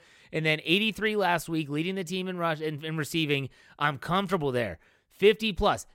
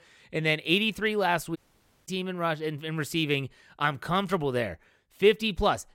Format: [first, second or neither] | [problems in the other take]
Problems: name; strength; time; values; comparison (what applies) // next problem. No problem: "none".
first | audio cutting out; at 1.5 s for 0.5 s